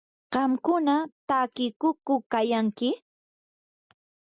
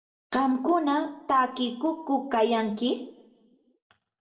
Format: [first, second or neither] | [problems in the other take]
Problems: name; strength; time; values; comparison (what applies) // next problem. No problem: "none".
first | room echo; dies away in 0.6 s